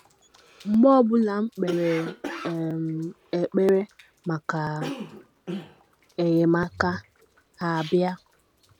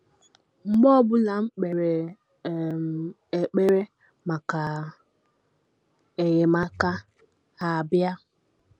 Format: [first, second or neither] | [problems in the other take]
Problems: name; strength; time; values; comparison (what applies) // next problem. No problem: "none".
second | background sound (Cough); 15 dB below the speech